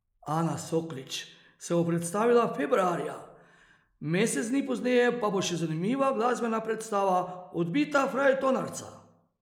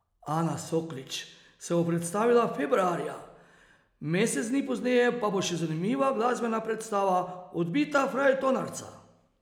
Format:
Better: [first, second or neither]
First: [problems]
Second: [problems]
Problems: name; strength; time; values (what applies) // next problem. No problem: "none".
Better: second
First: noise reduction (neural mask model Resemble Enhance denoiser)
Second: none